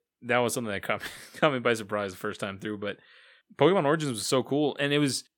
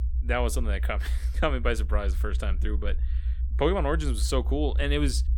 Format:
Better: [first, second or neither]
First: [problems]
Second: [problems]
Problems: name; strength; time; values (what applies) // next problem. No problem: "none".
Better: first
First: none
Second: low rumble; noticeable; throughout; 20 dB below the speech